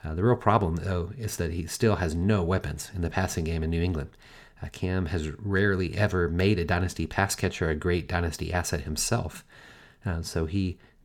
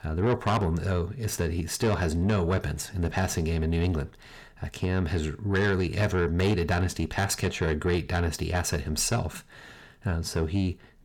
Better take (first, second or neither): first